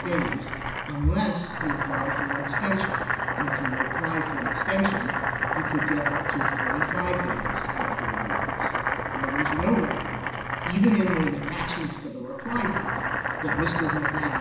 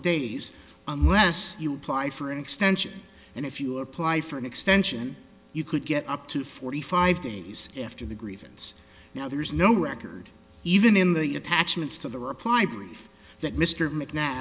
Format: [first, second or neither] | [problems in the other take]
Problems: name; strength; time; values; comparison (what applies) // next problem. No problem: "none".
second | background sound (Boiling); 1 dB above the speech // room echo; dies away in 1 s